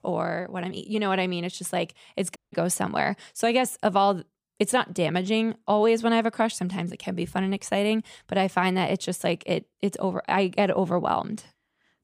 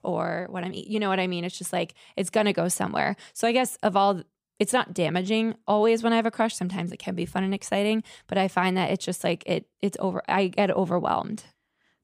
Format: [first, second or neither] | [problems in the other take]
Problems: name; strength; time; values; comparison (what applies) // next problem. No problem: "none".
second | audio cutting out; at 2.5 s